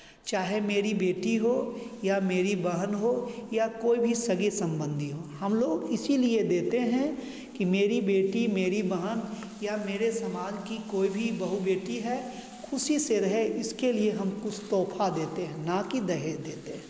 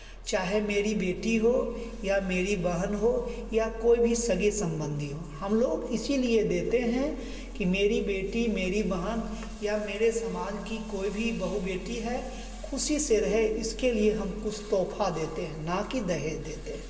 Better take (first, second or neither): first